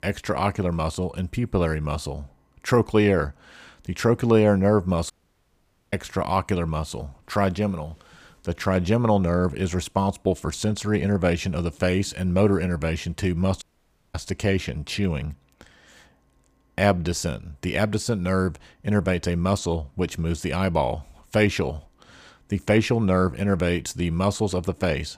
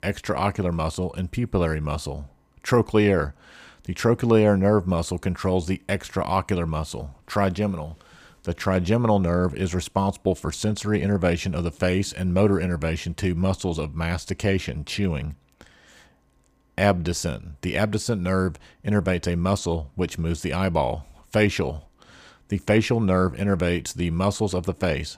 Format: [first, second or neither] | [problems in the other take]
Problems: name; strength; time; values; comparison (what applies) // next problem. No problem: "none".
second | audio cutting out; at 5 s for 1 s and at 14 s for 0.5 s